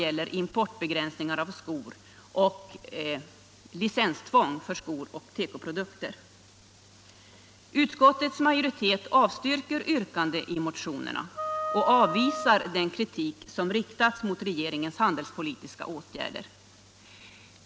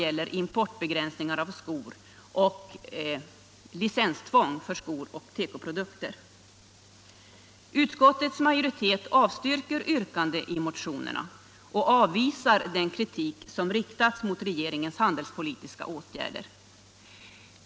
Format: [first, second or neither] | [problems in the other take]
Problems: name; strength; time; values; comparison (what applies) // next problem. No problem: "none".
second | background sound (Wind instrument, woodwind instrument); 6 dB below the speech